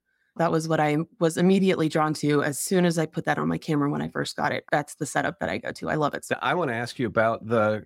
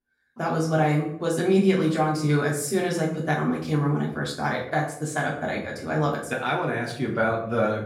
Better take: first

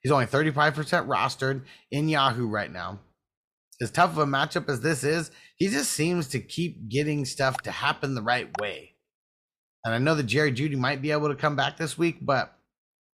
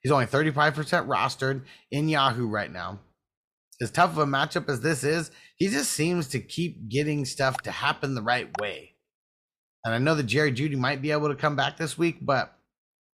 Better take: neither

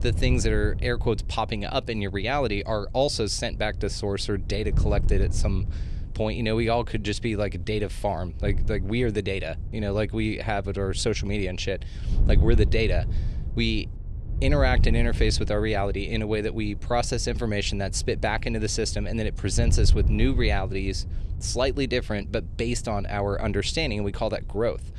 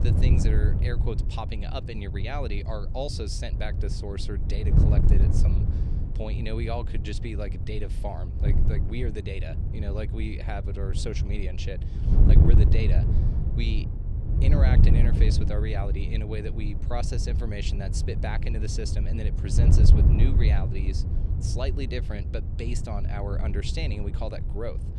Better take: first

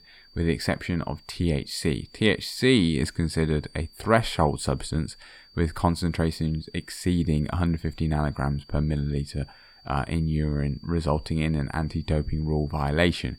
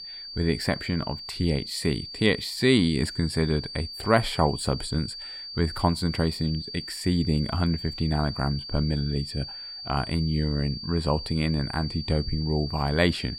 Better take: first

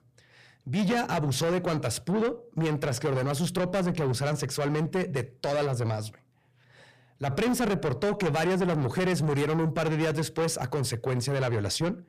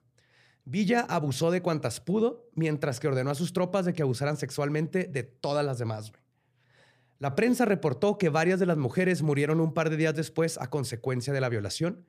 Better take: second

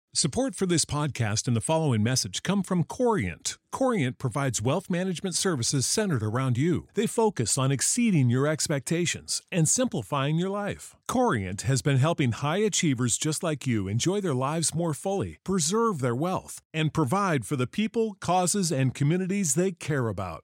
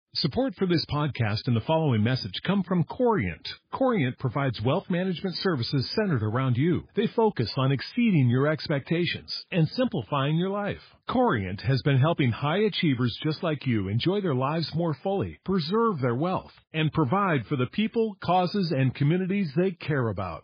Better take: first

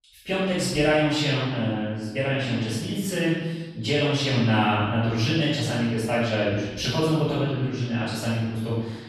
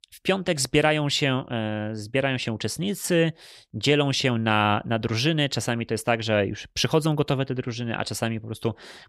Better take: second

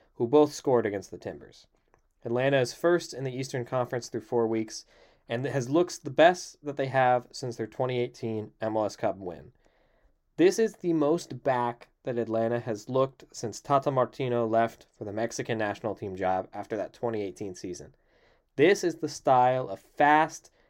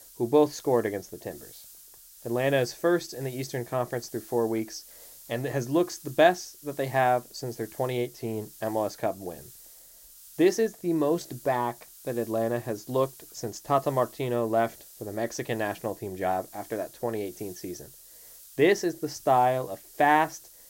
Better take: first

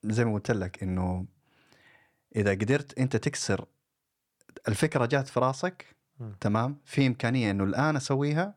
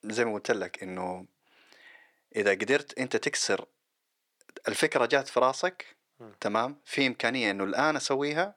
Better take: first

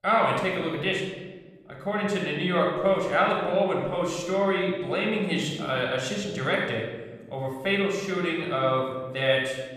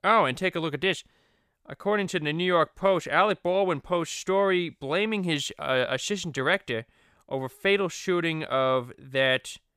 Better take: second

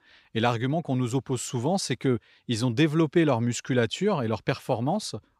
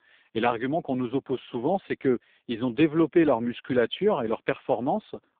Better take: first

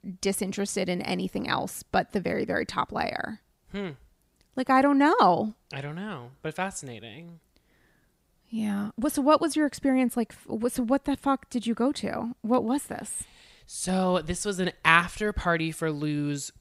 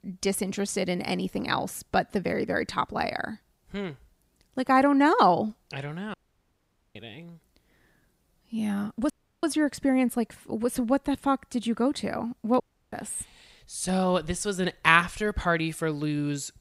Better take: first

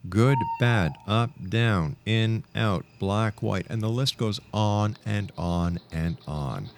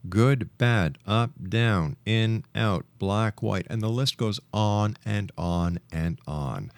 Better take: second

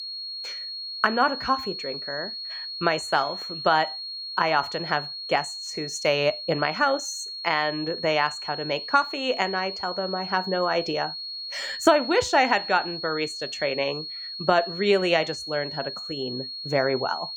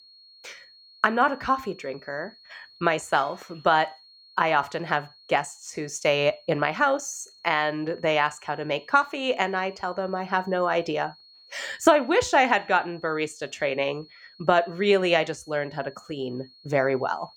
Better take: second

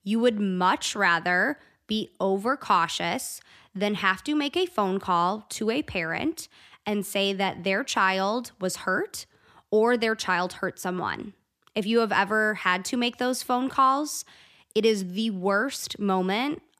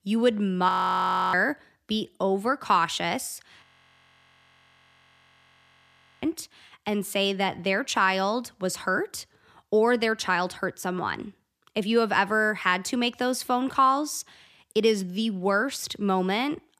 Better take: first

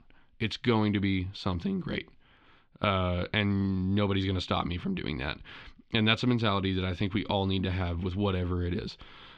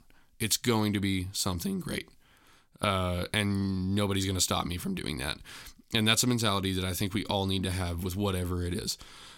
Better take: second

